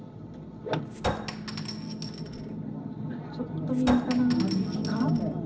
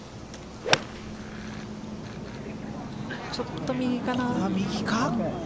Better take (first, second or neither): second